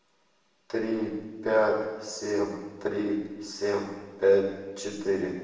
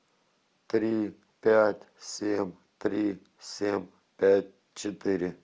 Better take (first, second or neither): second